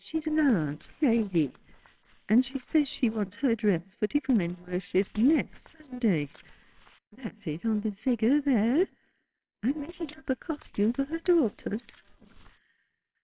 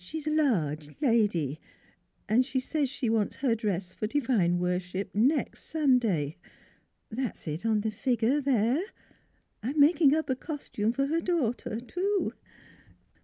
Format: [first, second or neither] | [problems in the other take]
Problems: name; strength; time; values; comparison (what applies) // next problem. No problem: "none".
second | noise reduction (neural separator model SepFormer WHAMR!)